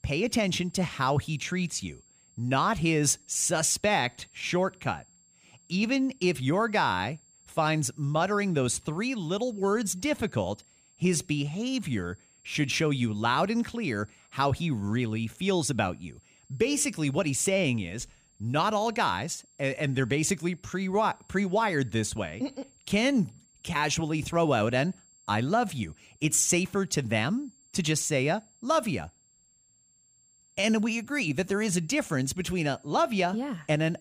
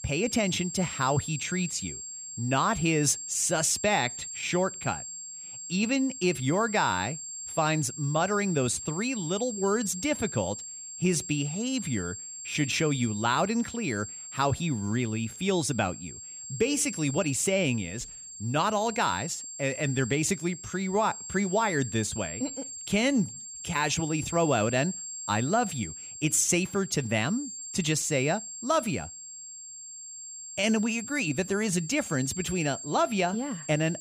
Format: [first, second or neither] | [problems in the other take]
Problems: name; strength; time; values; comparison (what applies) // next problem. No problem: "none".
first | high-pitched whine; loud; throughout; 7.5 kHz, 9 dB below the speech; faint in the first